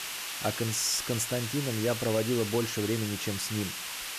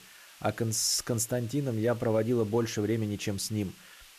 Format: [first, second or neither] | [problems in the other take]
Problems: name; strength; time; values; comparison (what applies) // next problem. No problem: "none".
second | hiss; loud; throughout; 4 dB below the speech; faint in the second